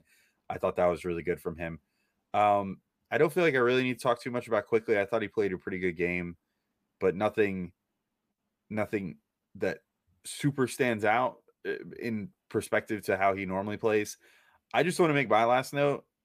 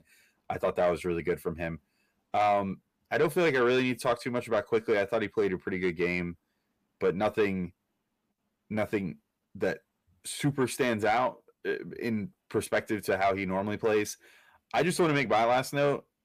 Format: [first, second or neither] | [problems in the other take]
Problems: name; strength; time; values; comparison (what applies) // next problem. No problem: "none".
first | distortion; slight; 10 dB below the speech